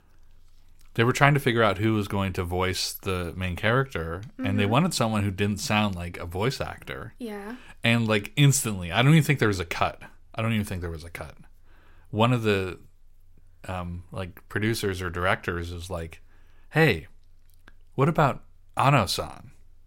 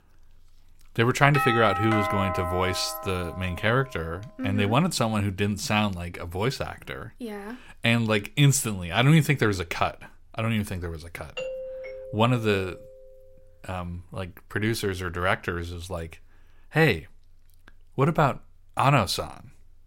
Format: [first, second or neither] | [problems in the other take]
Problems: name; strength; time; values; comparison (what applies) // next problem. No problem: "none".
first | doorbell; loud; from 1.5 to 3.5 s; peak level with the speech // doorbell; noticeable; from 11 to 13 s; peak 9 dB below the speech